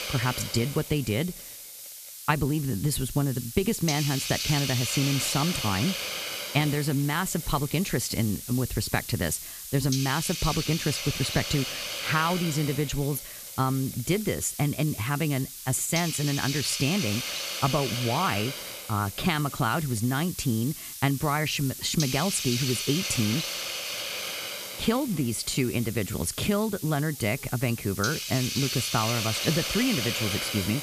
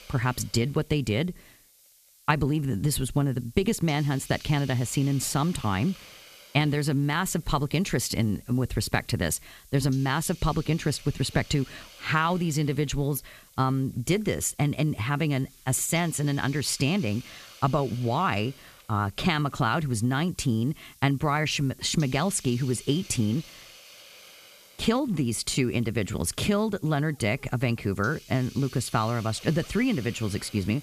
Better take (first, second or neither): second